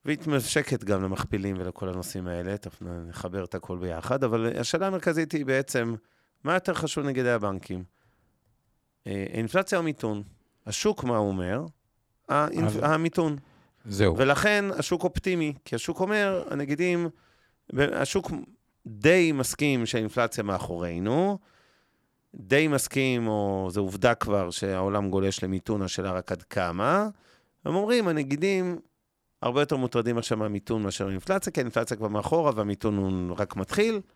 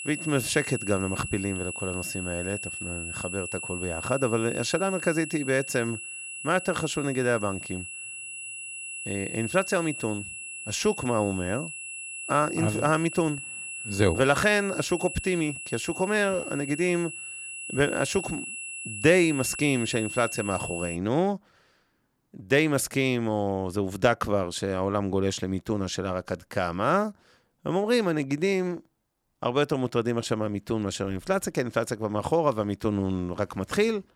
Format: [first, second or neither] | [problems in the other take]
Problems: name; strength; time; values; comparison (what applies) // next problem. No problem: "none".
first | high-pitched whine; loud; until 21 s; 2.5 kHz, 8 dB below the speech